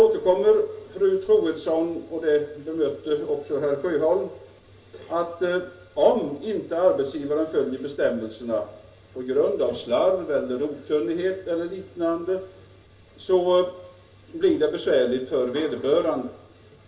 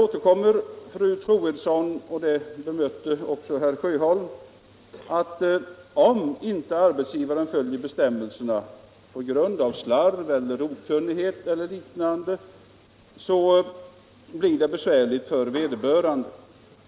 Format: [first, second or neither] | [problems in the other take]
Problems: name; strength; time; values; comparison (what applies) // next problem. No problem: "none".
second | room echo; dies away in 0.2 s